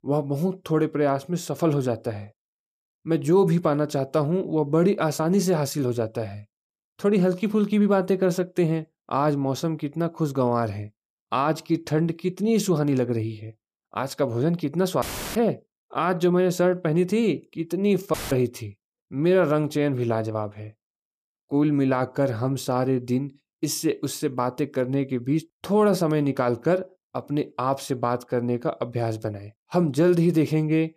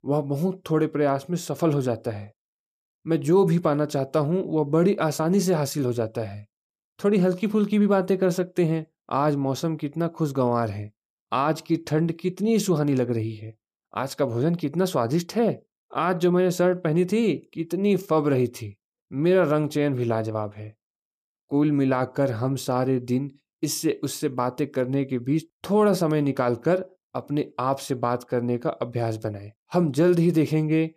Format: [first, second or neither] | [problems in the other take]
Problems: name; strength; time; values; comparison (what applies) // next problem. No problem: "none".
second | audio cutting out; filled with static; at 15 s and at 18 s